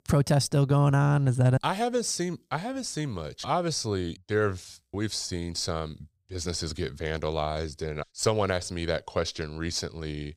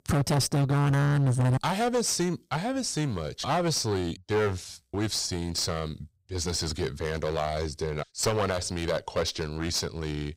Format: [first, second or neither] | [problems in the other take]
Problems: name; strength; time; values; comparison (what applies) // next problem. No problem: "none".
first | distortion; heavy; 14% of the sound clipped